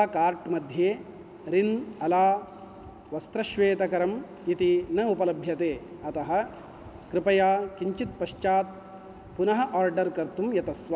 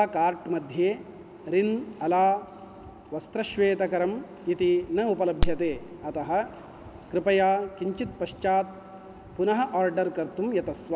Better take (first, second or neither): first